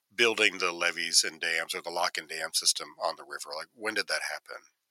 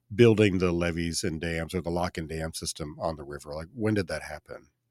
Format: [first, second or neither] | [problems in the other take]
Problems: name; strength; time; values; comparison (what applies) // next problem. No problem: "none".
second | thin; very; fading below 1 kHz